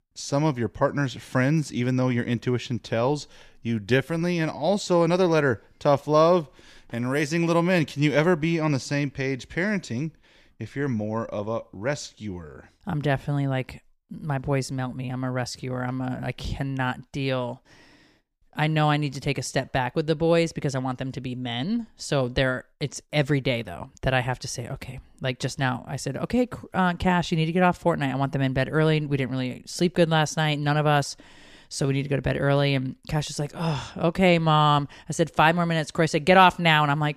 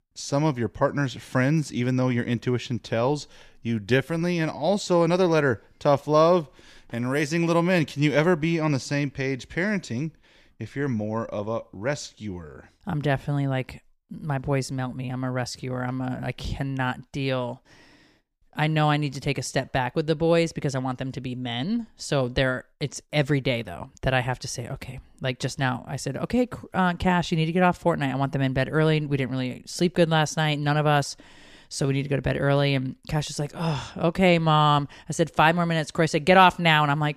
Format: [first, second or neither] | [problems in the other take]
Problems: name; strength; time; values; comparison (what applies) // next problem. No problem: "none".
neither | none